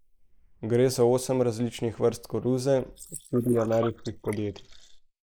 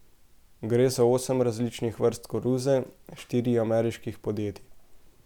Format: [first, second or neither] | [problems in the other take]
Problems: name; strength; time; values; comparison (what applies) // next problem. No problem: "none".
second | noise reduction (neural mask model Resemble Enhance denoiser)